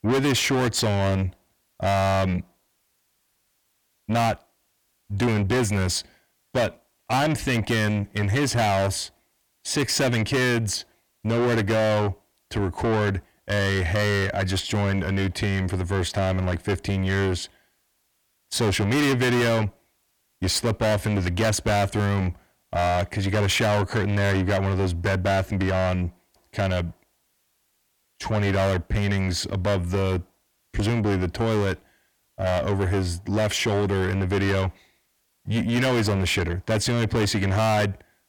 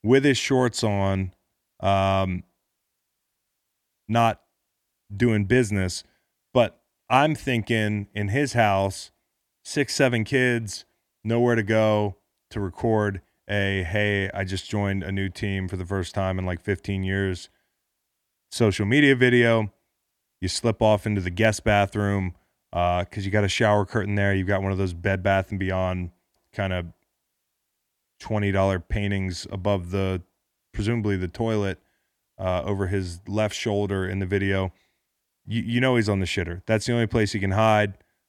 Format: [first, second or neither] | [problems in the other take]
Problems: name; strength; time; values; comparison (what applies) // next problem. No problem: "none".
second | distortion; heavy; 5 dB below the speech